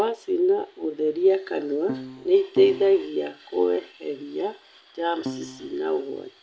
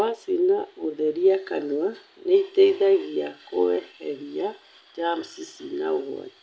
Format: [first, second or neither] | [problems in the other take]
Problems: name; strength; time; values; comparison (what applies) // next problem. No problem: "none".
second | background sound (Keyboard (musical)); 10 dB below the speech